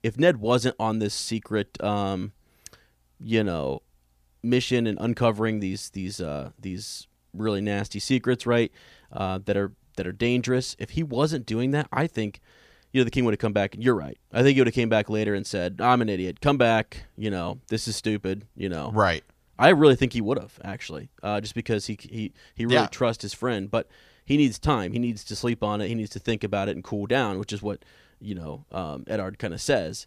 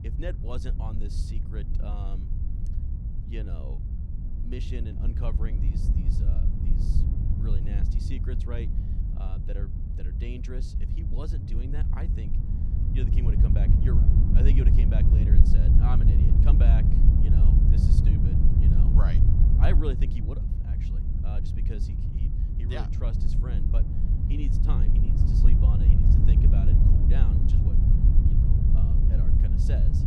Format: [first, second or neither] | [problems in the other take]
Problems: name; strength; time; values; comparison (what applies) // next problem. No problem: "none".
first | wind noise on the microphone; heavy; 3 dB above the speech